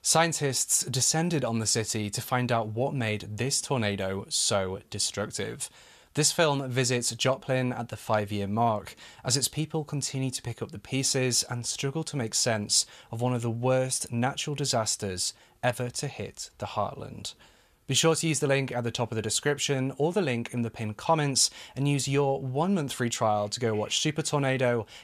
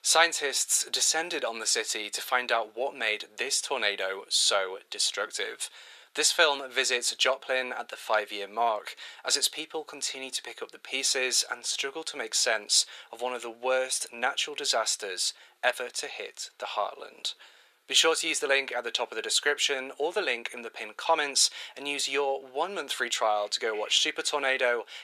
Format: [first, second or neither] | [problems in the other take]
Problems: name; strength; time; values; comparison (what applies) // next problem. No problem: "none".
first | thin; very; fading below 400 Hz